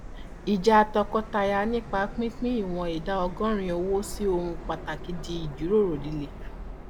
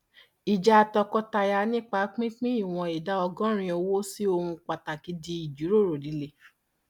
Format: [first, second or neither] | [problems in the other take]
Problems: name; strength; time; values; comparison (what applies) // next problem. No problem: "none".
second | background sound (Subway, metro, underground); 10 dB below the speech